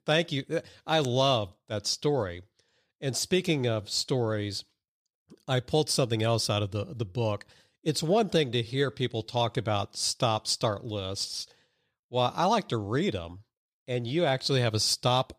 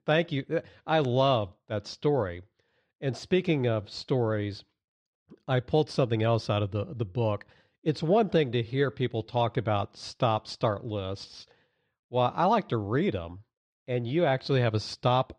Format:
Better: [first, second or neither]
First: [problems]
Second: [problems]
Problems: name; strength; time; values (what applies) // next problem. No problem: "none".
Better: first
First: none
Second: muffled; slightly; fading above 2.5 kHz